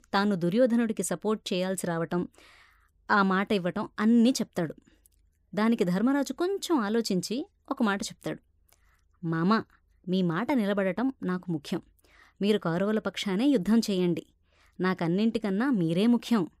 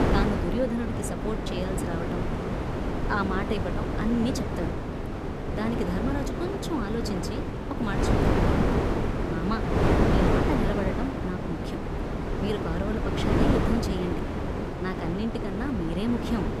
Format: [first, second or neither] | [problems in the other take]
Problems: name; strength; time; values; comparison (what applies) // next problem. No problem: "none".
first | wind noise on the microphone; heavy; 3 dB above the speech